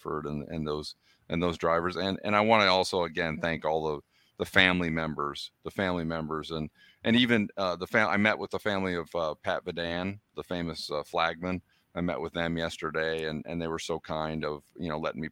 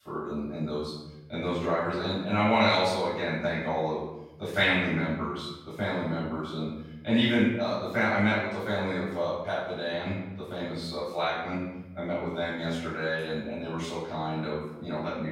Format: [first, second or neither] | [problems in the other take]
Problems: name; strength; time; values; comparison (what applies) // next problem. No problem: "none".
first | room echo; strong; dies away in 0.9 s // off-mic speech; far